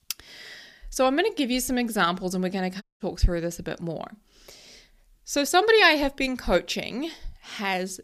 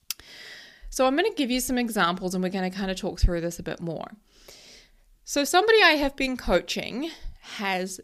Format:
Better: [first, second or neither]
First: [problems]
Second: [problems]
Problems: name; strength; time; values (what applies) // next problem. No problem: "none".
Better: second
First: audio cutting out; at 3 s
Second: none